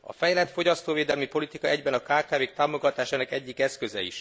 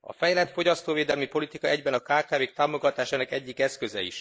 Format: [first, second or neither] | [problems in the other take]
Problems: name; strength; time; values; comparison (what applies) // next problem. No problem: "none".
first | noise reduction (neural mask model Resemble Enhance denoiser)